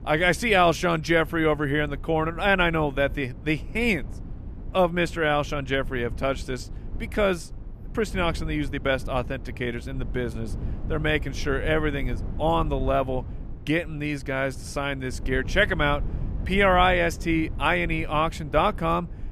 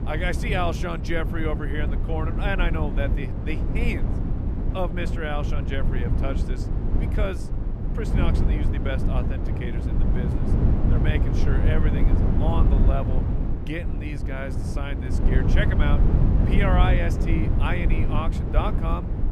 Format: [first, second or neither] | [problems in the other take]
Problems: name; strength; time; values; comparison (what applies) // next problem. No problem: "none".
first | low rumble; loud; throughout; 4 dB below the speech; faint in the first